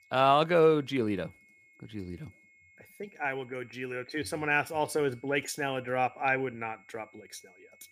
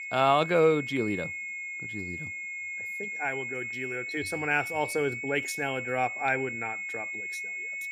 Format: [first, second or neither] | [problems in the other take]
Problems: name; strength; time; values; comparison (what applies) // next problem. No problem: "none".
first | high-pitched whine; loud; throughout; 2 kHz, 5 dB below the speech; faint in the first